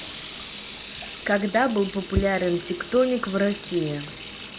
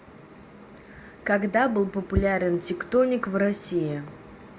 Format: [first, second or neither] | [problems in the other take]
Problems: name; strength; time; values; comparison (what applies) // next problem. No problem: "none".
second | background sound (Sink (filling or washing) / Water tap, faucet); 14 dB below the speech